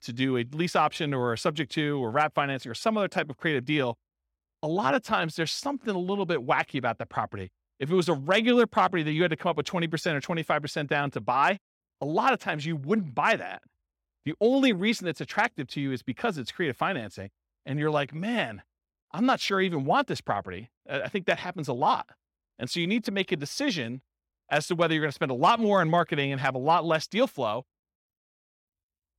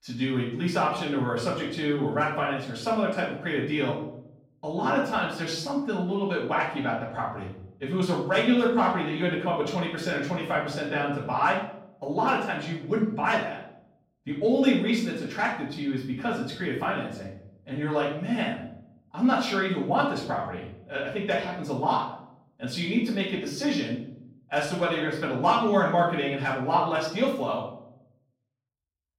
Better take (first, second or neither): first